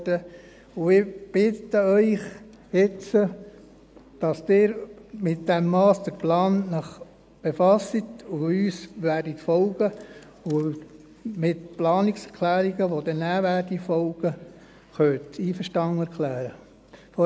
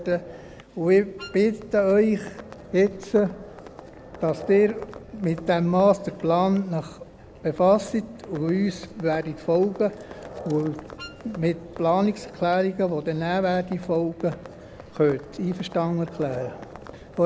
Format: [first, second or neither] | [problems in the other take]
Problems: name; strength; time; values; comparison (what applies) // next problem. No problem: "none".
first | background sound (Livestock, farm animals, working animals + Wind instrument, woodwind instrument); 18 dB below the speech